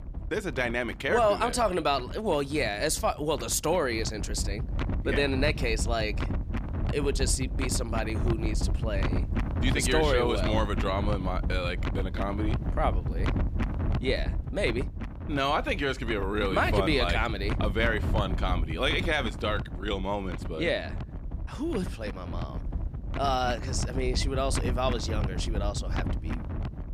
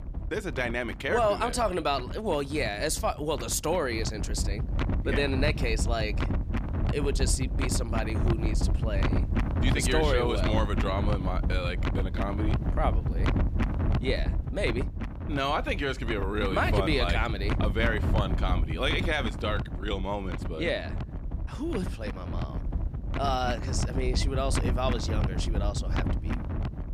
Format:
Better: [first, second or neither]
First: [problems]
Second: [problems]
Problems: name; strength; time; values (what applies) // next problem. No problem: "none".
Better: first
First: wind noise on the microphone; occasional gusts; 10 dB below the speech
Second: wind noise on the microphone; heavy; 9 dB below the speech